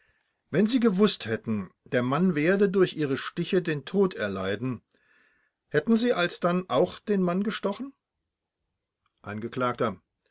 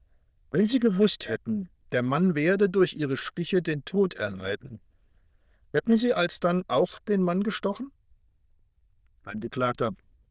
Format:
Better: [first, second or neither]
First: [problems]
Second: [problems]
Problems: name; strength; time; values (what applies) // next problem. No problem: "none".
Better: first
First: none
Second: noise reduction (neural diffusion model UNIVERSE++)